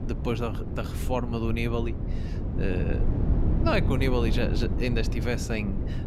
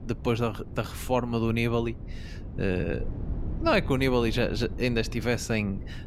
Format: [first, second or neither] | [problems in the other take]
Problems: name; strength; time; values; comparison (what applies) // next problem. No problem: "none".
second | wind noise on the microphone; heavy; 7 dB below the speech; occasional gusts in the second